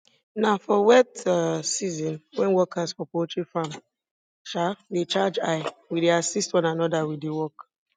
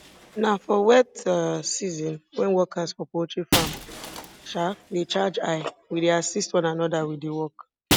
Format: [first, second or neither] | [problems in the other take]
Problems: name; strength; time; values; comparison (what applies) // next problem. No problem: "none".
first | background sound (Shatter); 9 dB below the speech